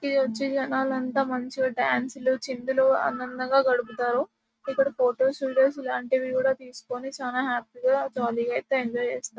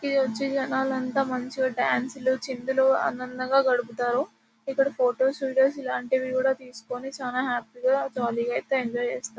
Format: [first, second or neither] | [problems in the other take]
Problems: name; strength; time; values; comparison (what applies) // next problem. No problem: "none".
second | noise reduction (neural mask model RNNoise)